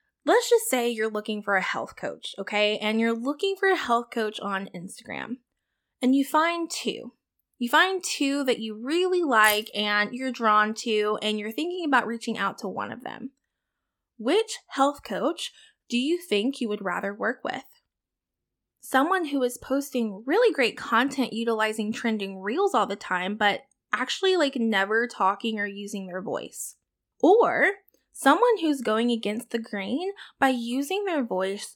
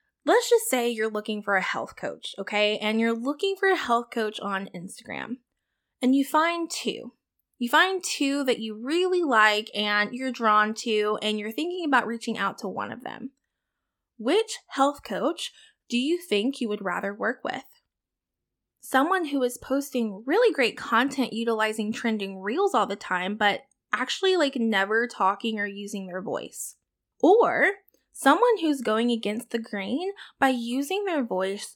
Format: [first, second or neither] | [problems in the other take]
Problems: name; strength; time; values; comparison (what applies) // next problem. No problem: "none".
second | jangling keys; noticeable; at 9.5 s; peak 7 dB below the speech